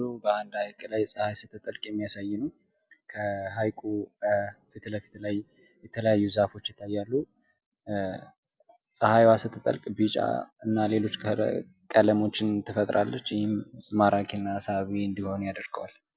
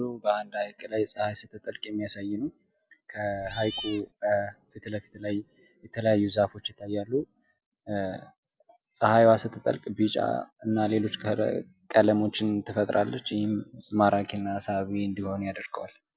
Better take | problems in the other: first | background sound (Cat); 12 dB below the speech

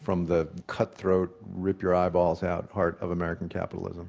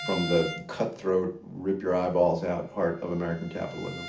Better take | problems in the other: first | background sound (Bowed string instrument); 14 dB below the speech // room echo; dies away in 0.4 s

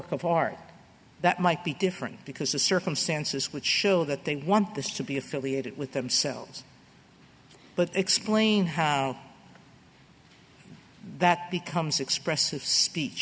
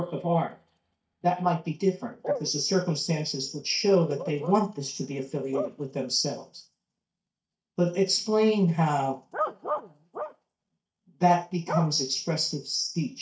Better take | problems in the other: first | noise reduction (neural mask model DeepFilterNet 3)

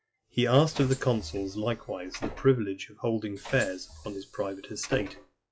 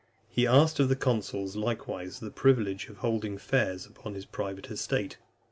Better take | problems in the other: second | noise reduction (classical method log-MMSE)

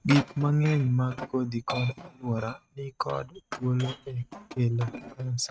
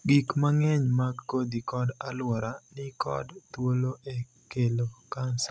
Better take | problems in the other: second | noise reduction (neural mask model RNNoise)

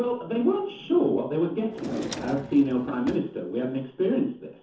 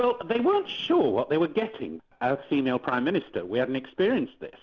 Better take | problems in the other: second | background sound (Drawer open or close); 11 dB below the speech // room echo; dies away in 0.9 s

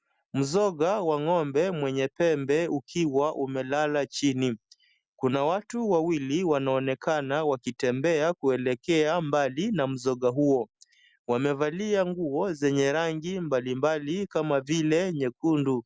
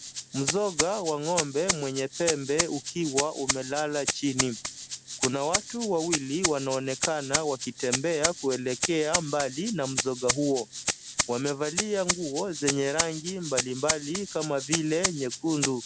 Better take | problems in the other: first | background sound (Rattle (instrument)); 3 dB below the speech

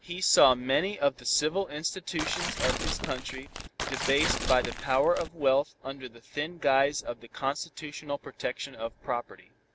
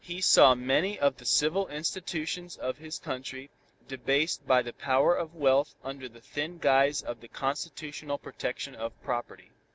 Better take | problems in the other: second | background sound (Tearing); 4 dB below the speech

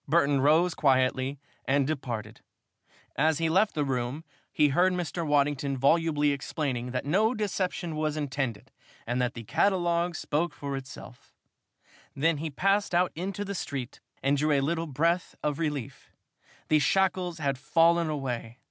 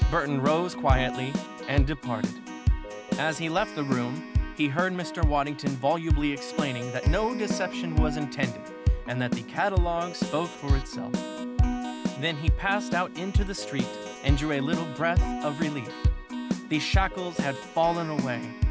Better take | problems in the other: first | background sound (Keyboard (musical)); 1 dB above the speech

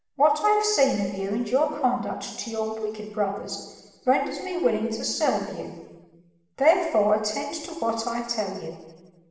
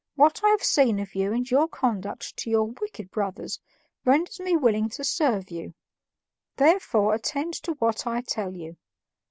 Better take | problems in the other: second | room echo; dies away in 1.2 s

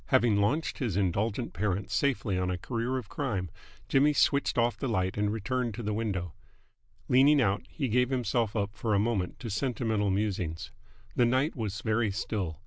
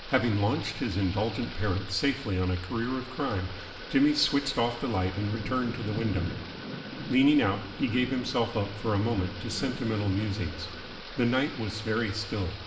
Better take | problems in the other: first | background sound (Thunder / Rain); 12 dB below the speech // room echo; dies away in 0.9 s

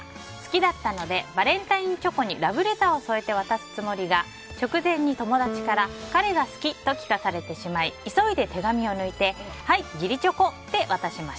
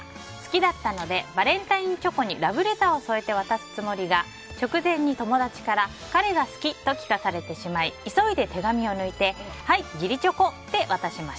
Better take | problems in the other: second | background sound (Piano); 15 dB below the speech

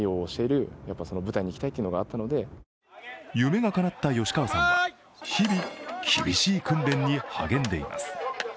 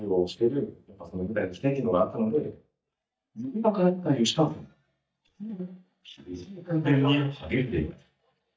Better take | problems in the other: first | noise reduction (neural mask model DeepFilterNet 3)

